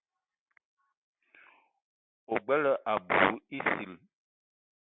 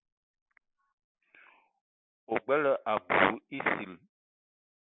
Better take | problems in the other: first | noise reduction (neural mask model Resemble Enhance denoiser)

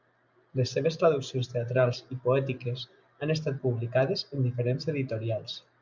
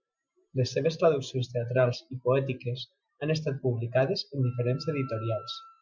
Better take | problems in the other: first | noise reduction (classical method Wiener filter)

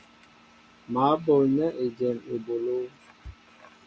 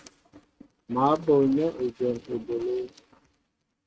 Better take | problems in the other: first | noise reduction (neural mask model RNNoise)

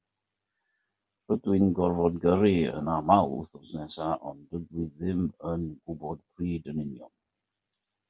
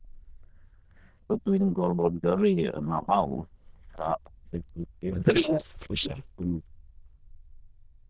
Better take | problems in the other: first | noise reduction (neural diffusion model UNIVERSE++)

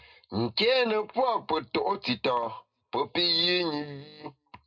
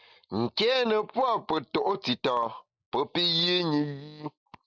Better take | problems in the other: second | room echo; dies away in 0.2 s

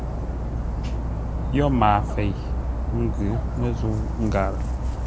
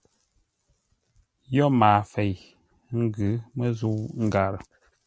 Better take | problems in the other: second | background sound (Dog); 1 dB above the speech

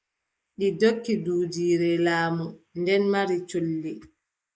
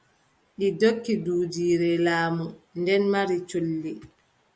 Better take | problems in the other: second | noise reduction (neural mask model Resemble Enhance denoiser)

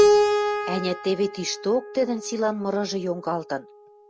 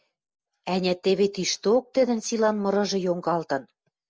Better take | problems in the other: second | background sound (Keyboard (musical)); 2 dB above the speech

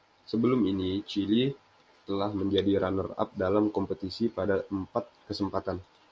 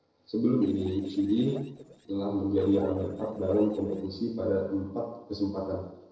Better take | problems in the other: first | noise reduction (neural separator model SepFormer DNS4)

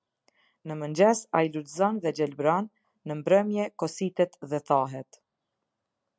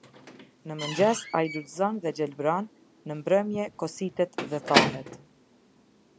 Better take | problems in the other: first | background sound (Squeak / Slam / Wood); 5 dB below the speech

